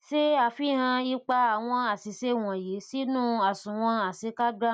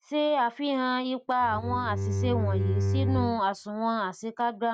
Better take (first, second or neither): first